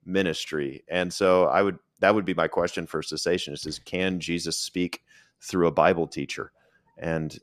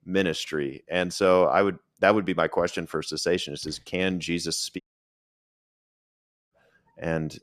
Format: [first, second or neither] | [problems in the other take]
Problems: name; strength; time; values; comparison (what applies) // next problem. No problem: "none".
first | audio cutting out; at 5 s for 1.5 s